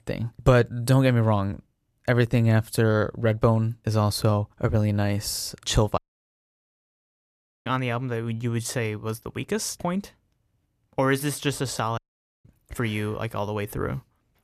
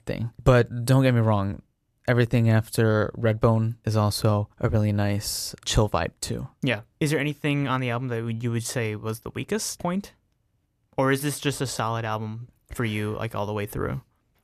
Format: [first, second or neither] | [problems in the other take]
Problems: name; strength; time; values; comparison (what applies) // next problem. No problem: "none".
second | audio cutting out; at 6 s for 1.5 s and at 12 s